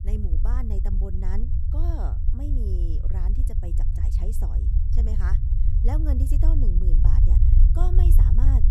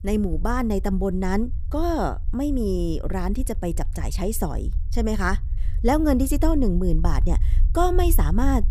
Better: second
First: low rumble; loud; throughout; 1 dB below the speech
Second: low rumble; faint; throughout; 20 dB below the speech

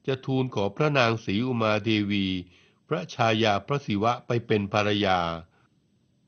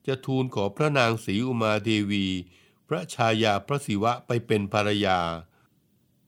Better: second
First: garbled, watery; slightly; nothing above 6 kHz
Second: none

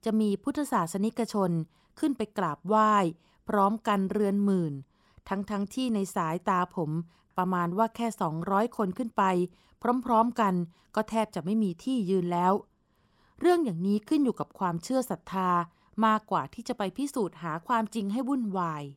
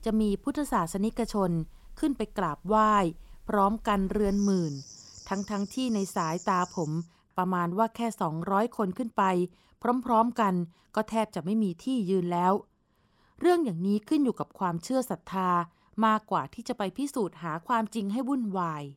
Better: first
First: none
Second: animal sounds; noticeable; until 7 s; 20 dB below the speech

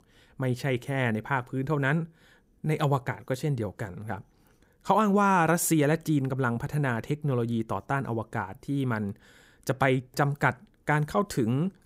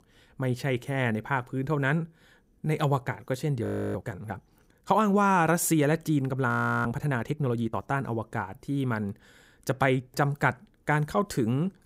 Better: first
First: none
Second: audio freezing; at 3.5 s and at 6.5 s

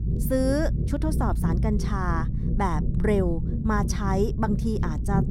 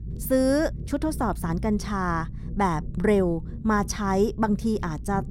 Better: second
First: low rumble; loud; throughout; 9 dB below the speech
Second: low rumble; faint; throughout; 20 dB below the speech

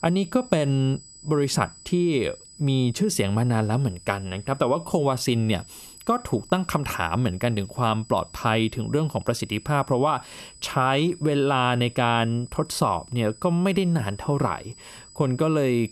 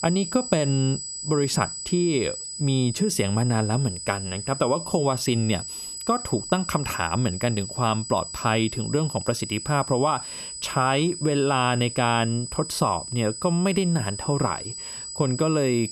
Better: first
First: high-pitched whine; faint; throughout; 8 kHz, 20 dB below the speech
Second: high-pitched whine; loud; throughout; 8 kHz, 8 dB below the speech

